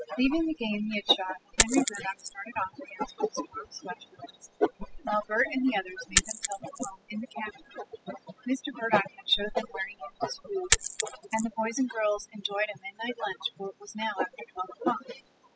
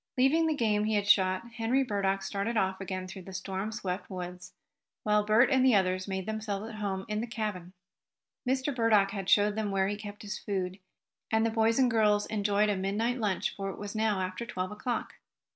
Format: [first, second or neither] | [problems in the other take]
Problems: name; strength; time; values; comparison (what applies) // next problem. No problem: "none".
second | noise reduction (classical method spectral subtraction)